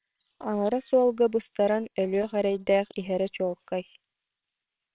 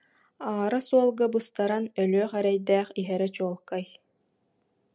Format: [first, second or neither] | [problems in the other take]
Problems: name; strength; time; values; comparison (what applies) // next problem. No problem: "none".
second | noise reduction (neural separator model SepFormer WHAMR!)